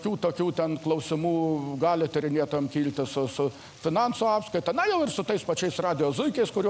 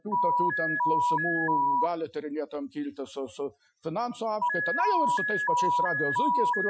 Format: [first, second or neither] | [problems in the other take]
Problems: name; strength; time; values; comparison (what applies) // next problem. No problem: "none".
first | noise reduction (classical method Wiener filter)